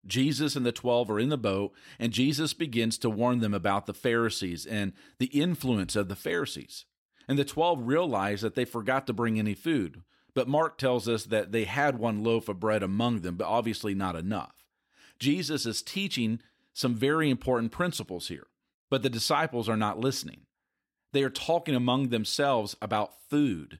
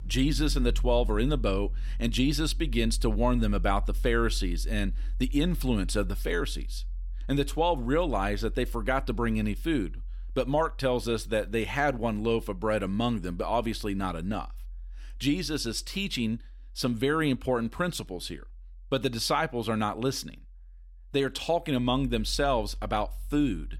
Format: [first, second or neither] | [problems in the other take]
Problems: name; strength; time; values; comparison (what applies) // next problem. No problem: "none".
first | background music; loud; throughout; 8 dB below the speech